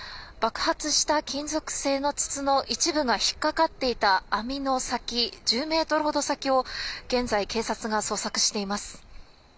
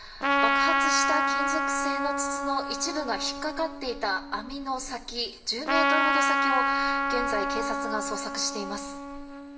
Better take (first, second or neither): first